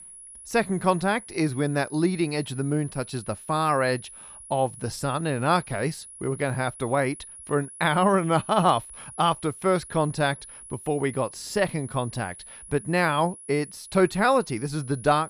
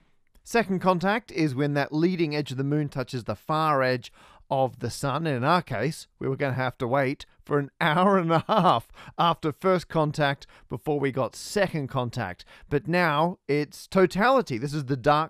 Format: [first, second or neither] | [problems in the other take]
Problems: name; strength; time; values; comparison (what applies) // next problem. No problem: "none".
second | high-pitched whine; noticeable; throughout; 10.5 kHz, 15 dB below the speech